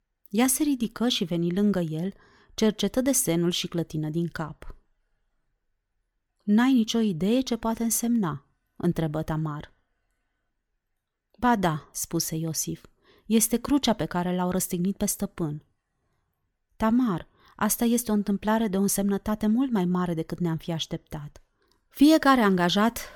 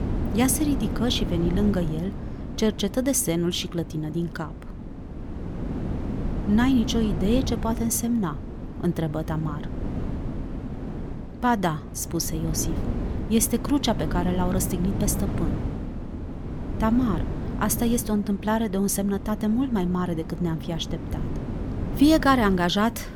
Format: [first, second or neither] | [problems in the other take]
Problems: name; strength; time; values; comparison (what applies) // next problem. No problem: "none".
first | wind noise on the microphone; occasional gusts; 10 dB below the speech